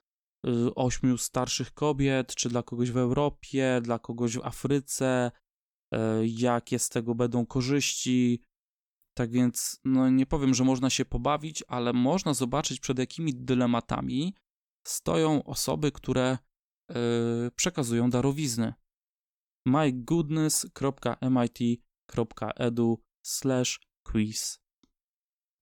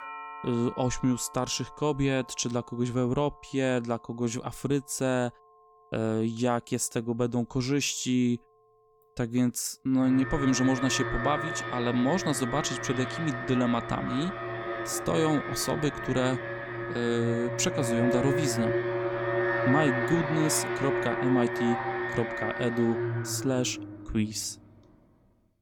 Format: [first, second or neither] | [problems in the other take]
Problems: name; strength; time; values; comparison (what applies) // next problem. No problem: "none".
first | alarms or sirens; loud; throughout; 3 dB below the speech